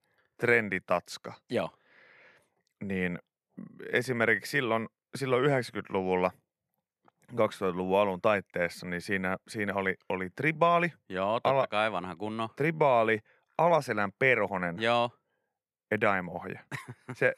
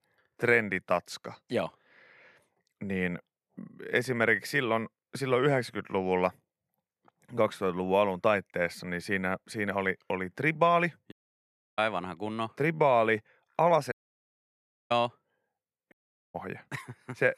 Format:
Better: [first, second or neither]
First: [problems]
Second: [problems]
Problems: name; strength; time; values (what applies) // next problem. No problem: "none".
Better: first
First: none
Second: audio cutting out; at 11 s for 0.5 s, at 14 s for 1 s and at 16 s